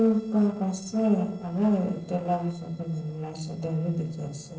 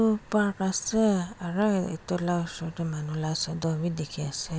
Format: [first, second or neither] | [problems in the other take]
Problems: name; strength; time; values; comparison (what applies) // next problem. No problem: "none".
second | noise reduction (neural separator model SepFormer DNS4)